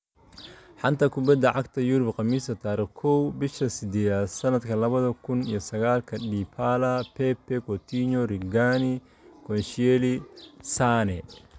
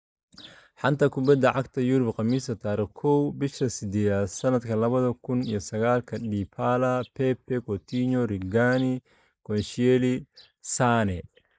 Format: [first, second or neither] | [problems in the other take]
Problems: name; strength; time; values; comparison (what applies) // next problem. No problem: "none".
first | noise reduction (neural mask model Resemble Enhance denoiser)